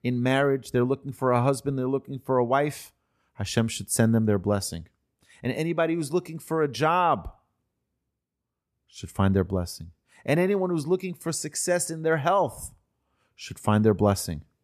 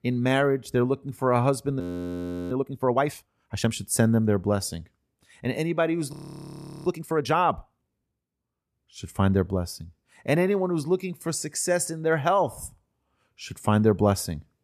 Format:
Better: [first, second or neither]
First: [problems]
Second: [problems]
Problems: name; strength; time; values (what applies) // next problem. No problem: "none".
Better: first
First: none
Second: audio freezing; at 2 s for 0.5 s and at 6 s for 0.5 s